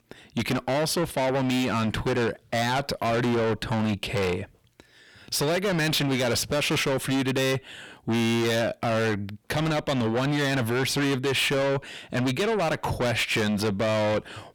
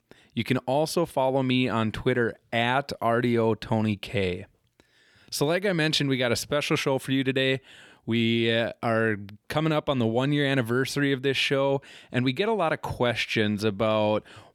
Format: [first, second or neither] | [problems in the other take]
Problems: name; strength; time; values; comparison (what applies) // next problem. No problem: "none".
second | distortion; heavy; 6 dB below the speech